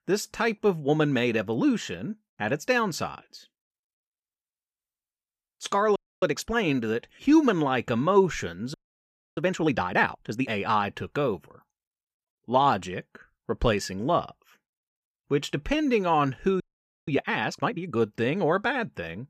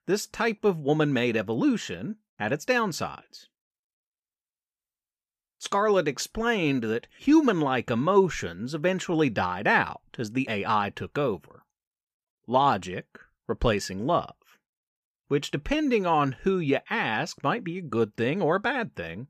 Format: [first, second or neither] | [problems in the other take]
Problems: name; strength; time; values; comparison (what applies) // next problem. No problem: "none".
second | audio freezing; at 6 s, at 8.5 s for 0.5 s and at 17 s